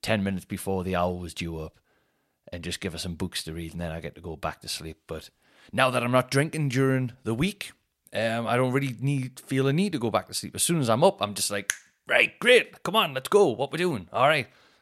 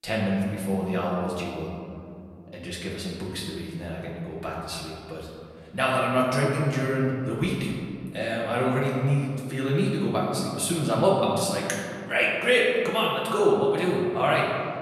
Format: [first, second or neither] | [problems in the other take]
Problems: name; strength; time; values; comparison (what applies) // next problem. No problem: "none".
first | room echo; noticeable; dies away in 2.3 s // off-mic speech; far